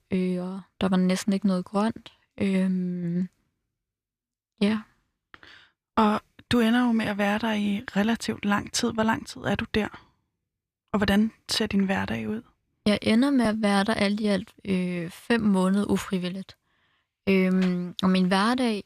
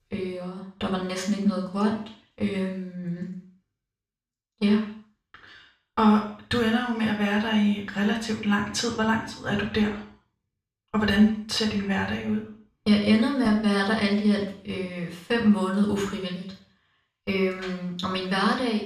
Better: first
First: none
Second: room echo; noticeable; dies away in 0.5 s // off-mic speech; far

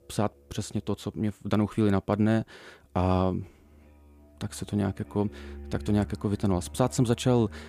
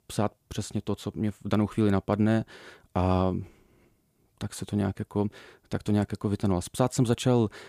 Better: second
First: background music; noticeable; throughout; 20 dB below the speech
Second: none

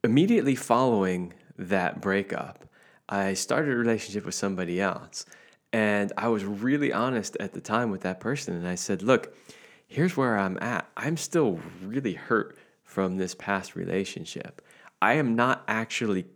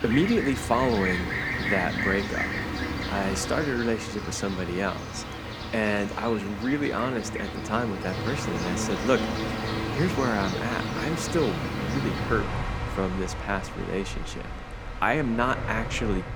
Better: first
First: none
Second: train or aircraft noise; loud; throughout; 3 dB below the speech

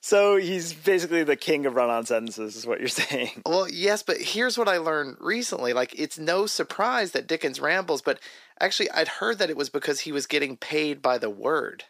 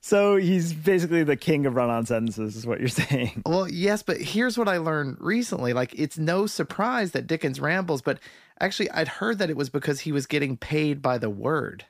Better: second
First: thin; somewhat; fading below 400 Hz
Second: none

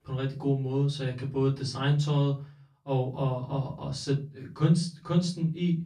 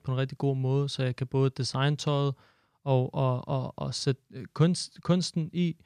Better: second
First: off-mic speech; far // room echo; very slight; dies away in 0.3 s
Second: none

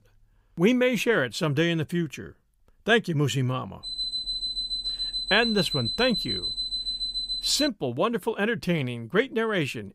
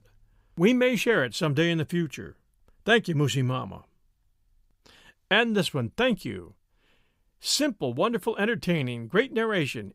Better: second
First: alarm; noticeable; from 4 to 7.5 s; peak 2 dB below the speech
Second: none

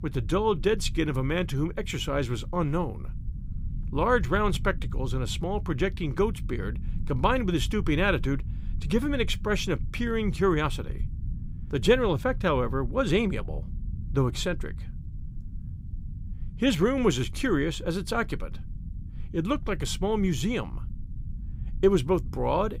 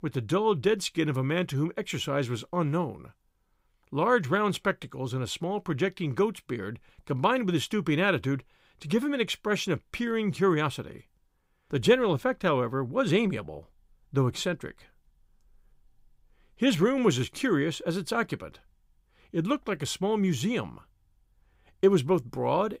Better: second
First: low rumble; faint; throughout; 25 dB below the speech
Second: none

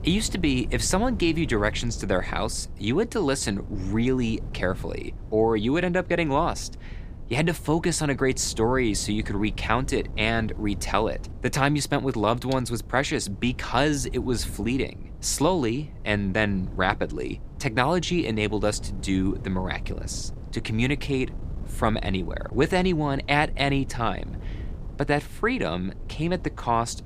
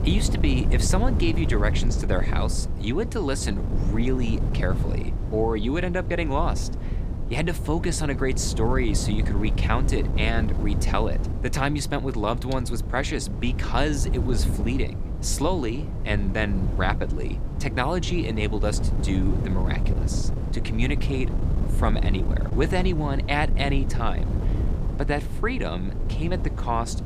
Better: first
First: wind noise on the microphone; occasional gusts; 20 dB below the speech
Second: wind noise on the microphone; heavy; 10 dB below the speech

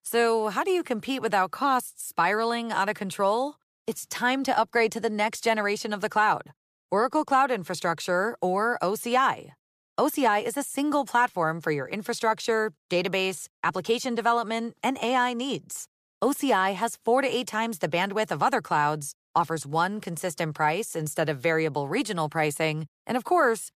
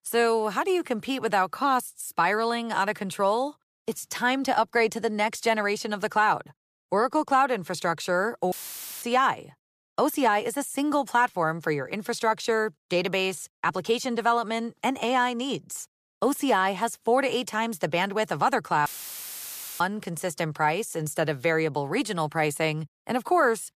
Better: first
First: none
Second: audio cutting out; filled with static; at 8.5 s for 0.5 s and at 19 s for 1 s

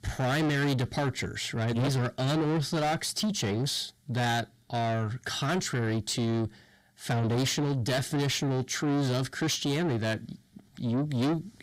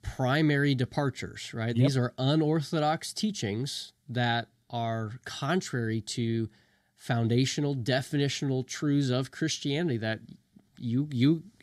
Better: second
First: distortion; heavy; 7 dB below the speech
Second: none

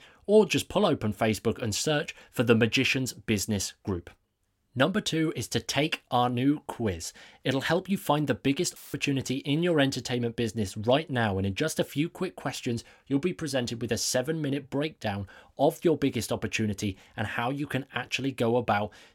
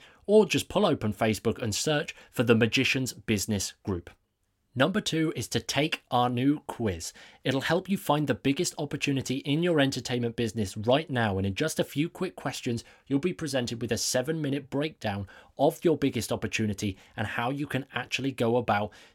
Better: second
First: audio cutting out; filled with static; at 9 s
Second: none

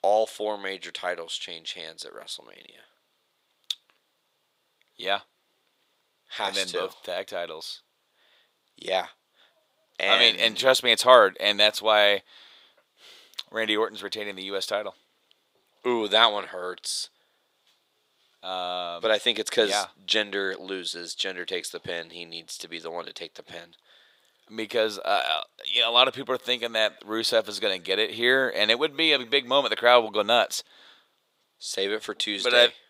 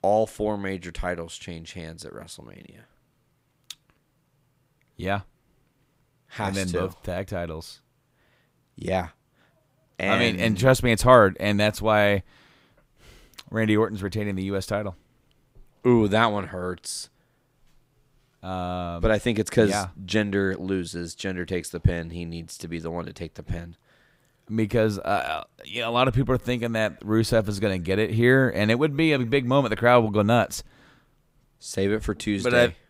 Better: second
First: thin; very; fading below 550 Hz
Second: none

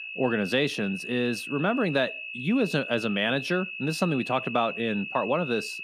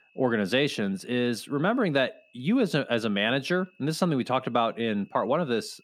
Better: second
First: high-pitched whine; loud; throughout; 2.5 kHz, 7 dB below the speech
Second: high-pitched whine; faint; throughout; 2.5 kHz, 35 dB below the speech

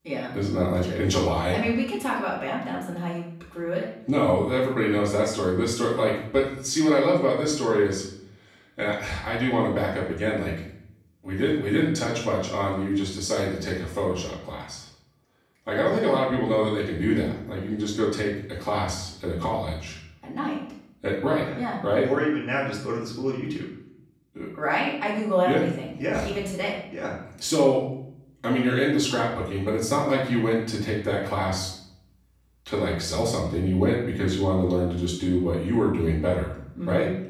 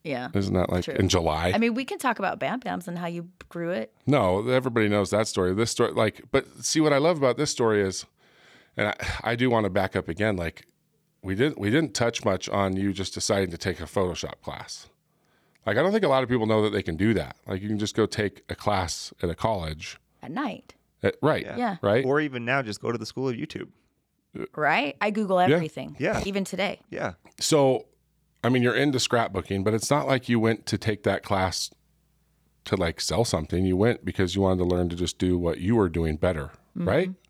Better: second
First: off-mic speech; far // room echo; noticeable; dies away in 0.6 s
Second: none

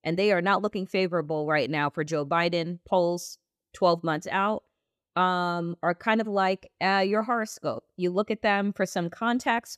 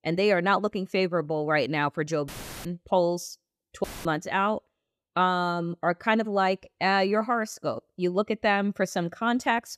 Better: first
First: none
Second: audio cutting out; filled with static; at 2.5 s and at 4 s

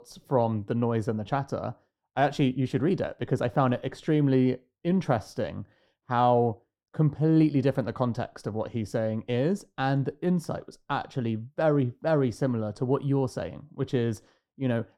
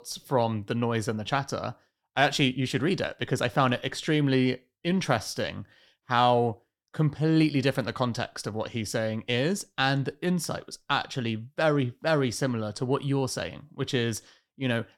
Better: second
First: muffled; slightly; fading above 1.5 kHz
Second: none

